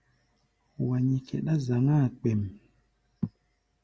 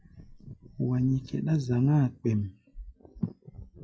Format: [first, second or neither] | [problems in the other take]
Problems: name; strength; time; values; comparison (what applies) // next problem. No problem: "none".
first | noise reduction (classical method log-MMSE)